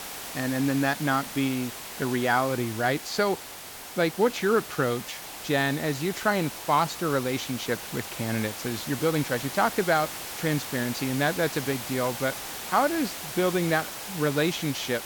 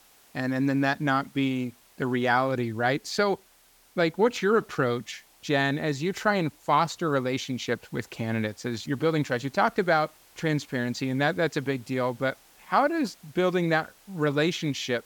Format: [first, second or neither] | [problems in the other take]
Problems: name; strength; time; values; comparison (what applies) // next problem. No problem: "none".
second | hiss; loud; throughout; 8 dB below the speech; faint in the second